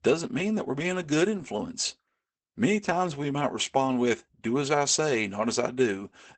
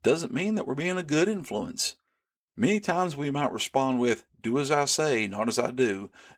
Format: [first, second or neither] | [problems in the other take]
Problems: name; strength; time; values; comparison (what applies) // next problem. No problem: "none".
second | garbled, watery; badly; nothing above 8 kHz; slightly in the second